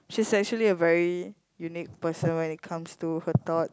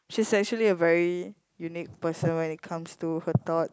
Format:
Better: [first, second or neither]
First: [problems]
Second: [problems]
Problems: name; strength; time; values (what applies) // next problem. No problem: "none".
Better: first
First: none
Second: noise reduction (neural mask model Resemble Enhance denoiser)